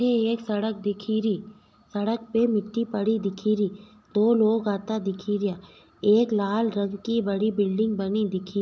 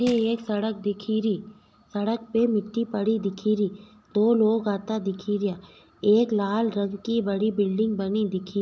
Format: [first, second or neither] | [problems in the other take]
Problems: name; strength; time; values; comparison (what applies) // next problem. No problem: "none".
first | background sound (Crushing); 17 dB below the speech